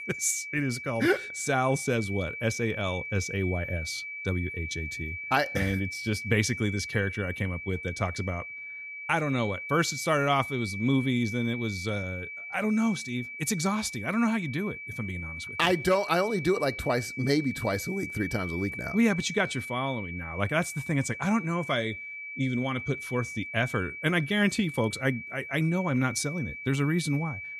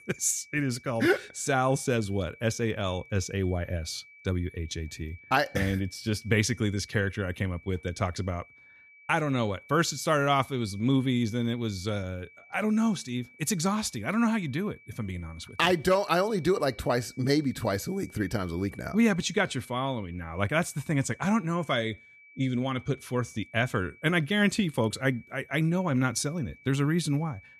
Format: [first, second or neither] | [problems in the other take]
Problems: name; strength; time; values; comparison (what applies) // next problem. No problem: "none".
second | high-pitched whine; loud; throughout; 2.5 kHz, 8 dB below the speech; faint in the second